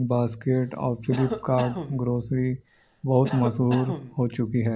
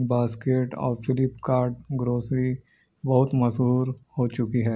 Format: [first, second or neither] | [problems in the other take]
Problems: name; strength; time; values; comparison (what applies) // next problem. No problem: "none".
second | background sound (Cough); 12 dB below the speech